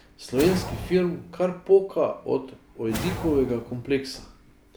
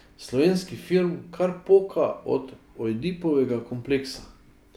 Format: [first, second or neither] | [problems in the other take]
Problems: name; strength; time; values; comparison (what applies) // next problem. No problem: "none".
second | background sound (Whoosh, swoosh, swish); 11 dB below the speech